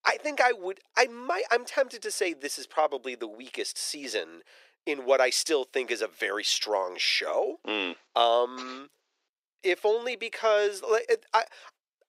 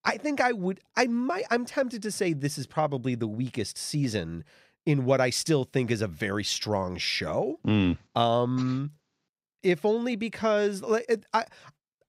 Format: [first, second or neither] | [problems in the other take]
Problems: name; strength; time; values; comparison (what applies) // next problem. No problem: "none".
second | thin; very; fading below 400 Hz